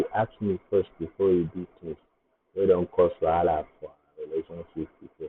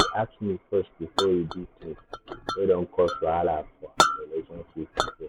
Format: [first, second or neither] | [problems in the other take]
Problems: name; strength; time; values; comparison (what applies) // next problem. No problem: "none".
first | background sound (Chink, clink); 3 dB below the speech